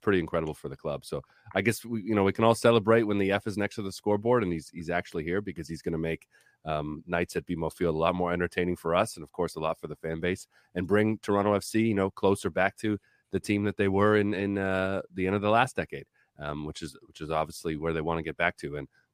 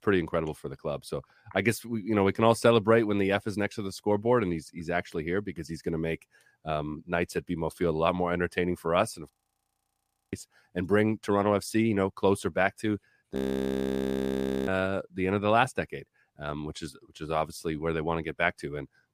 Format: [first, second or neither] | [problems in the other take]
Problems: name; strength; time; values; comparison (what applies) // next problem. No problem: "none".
first | audio freezing; at 9.5 s for 1 s and at 13 s for 1.5 s